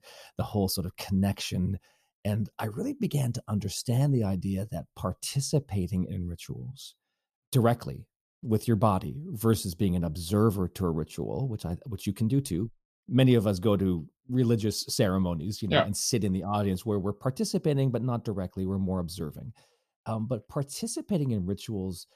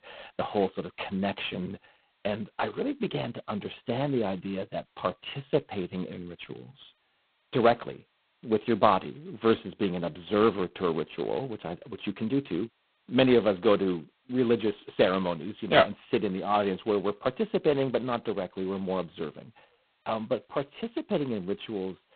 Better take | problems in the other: first | phone-call audio; poor line; nothing above 4 kHz

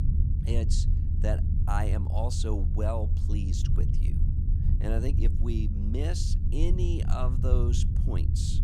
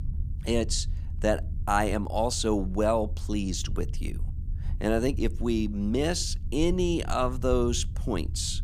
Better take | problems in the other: second | low rumble; loud; throughout; 6 dB below the speech; faint in the second

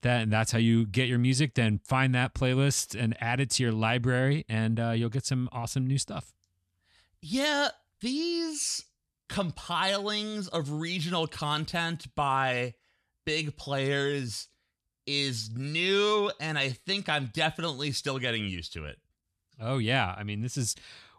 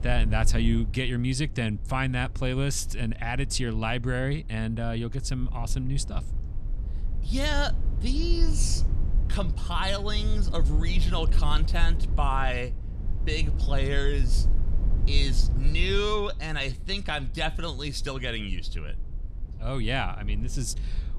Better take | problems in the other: first | low rumble; noticeable; throughout; 15 dB below the speech

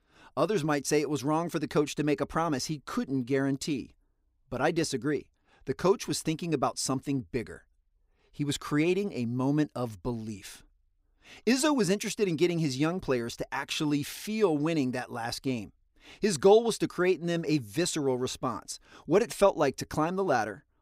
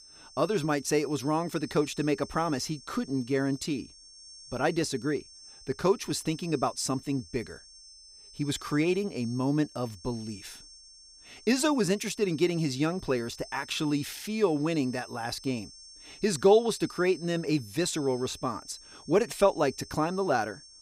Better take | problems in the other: first | high-pitched whine; noticeable; throughout; 5.5 kHz, 20 dB below the speech

